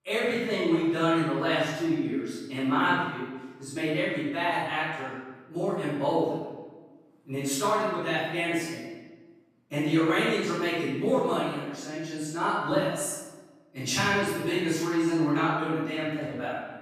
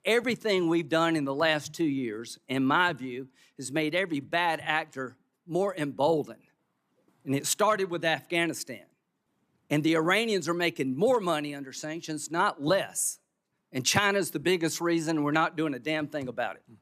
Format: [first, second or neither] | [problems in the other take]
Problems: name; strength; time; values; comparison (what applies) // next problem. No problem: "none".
second | off-mic speech; far // room echo; strong; dies away in 1.1 s